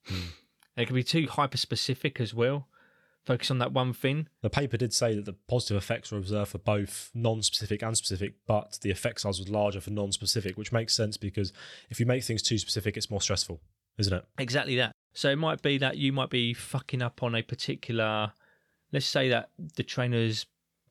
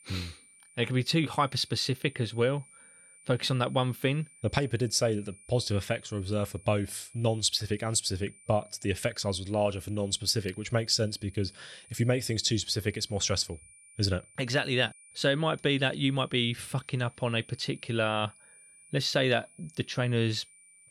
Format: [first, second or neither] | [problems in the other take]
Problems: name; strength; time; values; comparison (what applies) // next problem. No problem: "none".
first | high-pitched whine; faint; throughout; 9 kHz, 25 dB below the speech